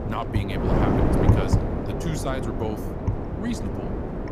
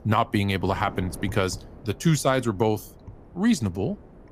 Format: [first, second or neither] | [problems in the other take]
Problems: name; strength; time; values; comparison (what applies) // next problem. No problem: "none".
second | wind noise on the microphone; heavy; 4 dB above the speech; occasional gusts in the second